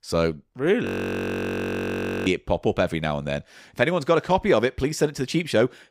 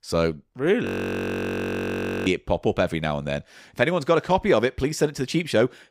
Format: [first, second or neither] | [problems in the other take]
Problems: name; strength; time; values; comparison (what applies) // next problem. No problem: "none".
neither | audio freezing; at 1 s for 1.5 s; the same in both